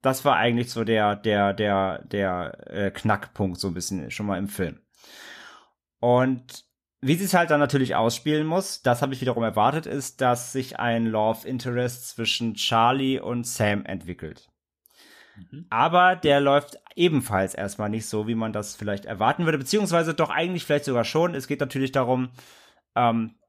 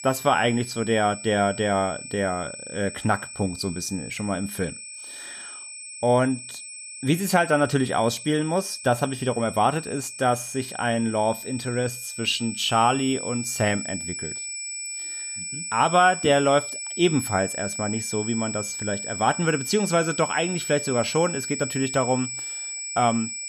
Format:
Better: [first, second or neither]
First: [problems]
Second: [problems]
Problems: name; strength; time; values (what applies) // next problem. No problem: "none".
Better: first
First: none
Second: high-pitched whine; loud; throughout; 8 kHz, 8 dB below the speech